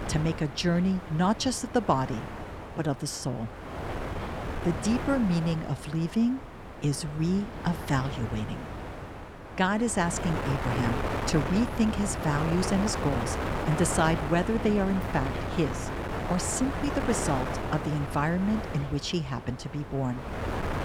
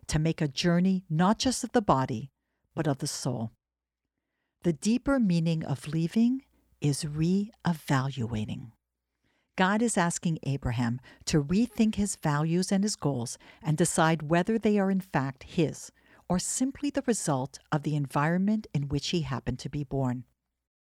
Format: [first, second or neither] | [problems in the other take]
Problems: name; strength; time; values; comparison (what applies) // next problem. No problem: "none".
second | wind noise on the microphone; heavy; 4 dB below the speech